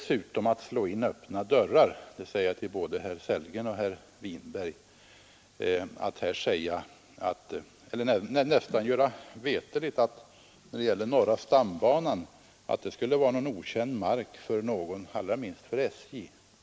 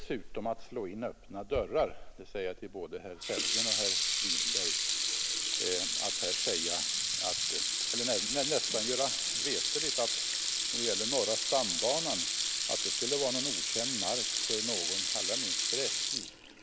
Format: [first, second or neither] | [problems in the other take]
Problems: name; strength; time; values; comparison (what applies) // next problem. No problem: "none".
first | background sound (Sink (filling or washing) / Water tap, faucet); 5 dB above the speech